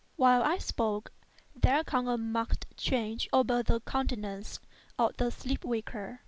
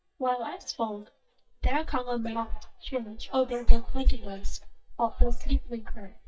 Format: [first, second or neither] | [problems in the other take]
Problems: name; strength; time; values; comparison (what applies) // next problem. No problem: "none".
first | noise reduction (neural mask model DeepFilterNet 3)